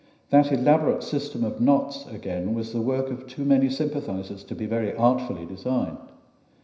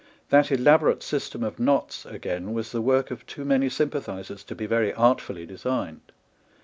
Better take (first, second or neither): second